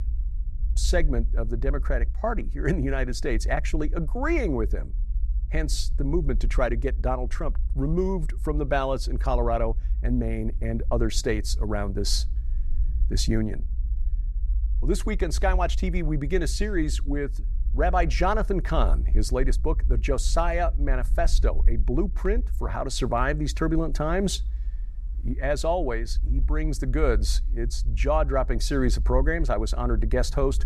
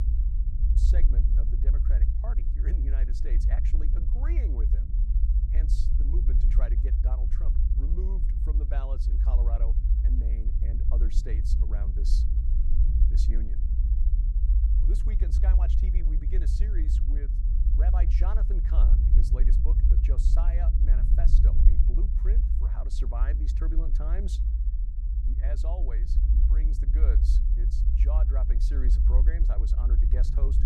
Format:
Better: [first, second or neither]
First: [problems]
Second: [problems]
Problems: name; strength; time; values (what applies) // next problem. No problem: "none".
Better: first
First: low rumble; faint; throughout; 25 dB below the speech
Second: low rumble; loud; throughout; 1 dB below the speech